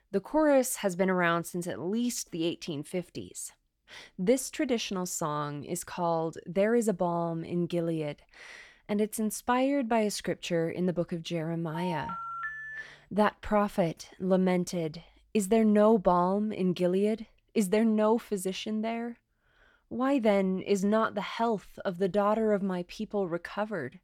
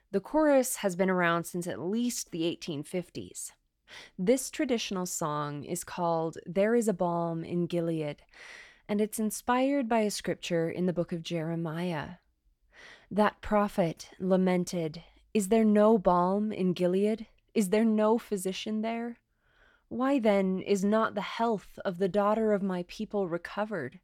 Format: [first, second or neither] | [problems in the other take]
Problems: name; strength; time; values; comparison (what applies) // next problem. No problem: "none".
second | phone ringing; noticeable; from 12 to 13 s; peak 7 dB below the speech